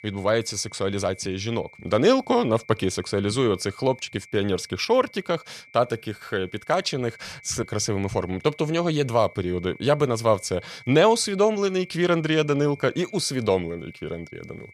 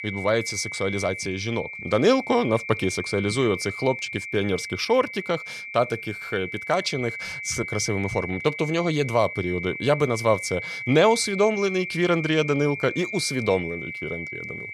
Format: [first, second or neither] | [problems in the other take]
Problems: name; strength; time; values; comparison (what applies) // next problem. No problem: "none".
first | high-pitched whine; loud; throughout; 2.5 kHz, 8 dB below the speech; faint in the first